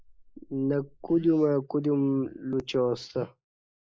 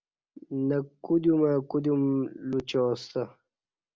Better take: second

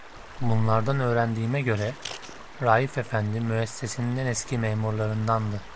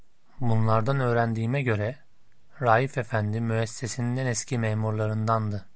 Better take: second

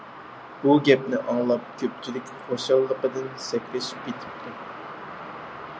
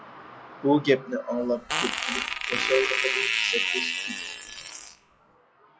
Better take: first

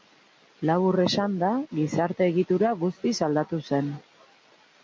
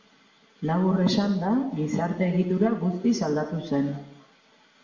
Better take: first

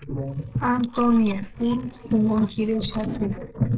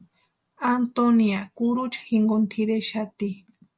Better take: second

